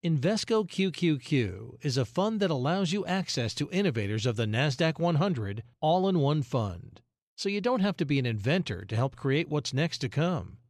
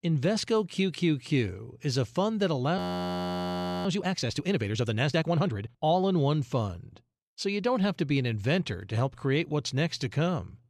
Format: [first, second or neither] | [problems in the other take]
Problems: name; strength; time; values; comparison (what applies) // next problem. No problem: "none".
first | audio freezing; at 3 s for 1 s